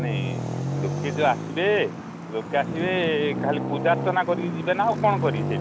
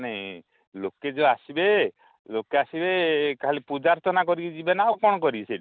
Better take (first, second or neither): second